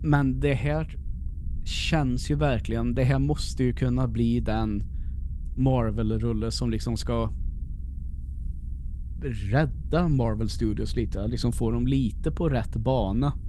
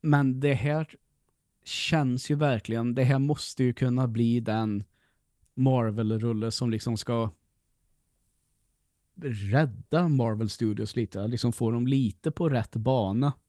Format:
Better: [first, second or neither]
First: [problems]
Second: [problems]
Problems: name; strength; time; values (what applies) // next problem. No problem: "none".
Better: second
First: low rumble; faint; throughout; 25 dB below the speech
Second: none